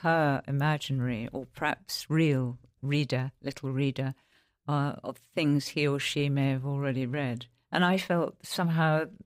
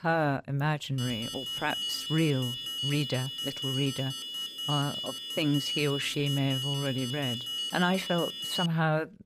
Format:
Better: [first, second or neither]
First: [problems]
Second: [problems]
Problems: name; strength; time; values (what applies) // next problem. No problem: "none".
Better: first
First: none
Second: alarm; noticeable; from 1 to 8.5 s; peak 1 dB below the speech